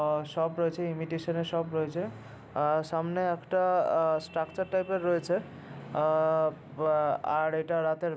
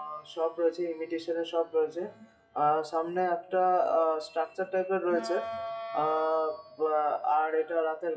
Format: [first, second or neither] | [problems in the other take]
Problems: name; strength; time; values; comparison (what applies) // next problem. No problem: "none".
first | noise reduction (classical method WPE with log-MMSE)